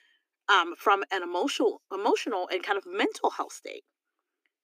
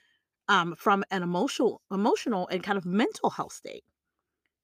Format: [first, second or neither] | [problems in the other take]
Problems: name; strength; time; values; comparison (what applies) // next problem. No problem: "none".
second | thin; somewhat; fading below 300 Hz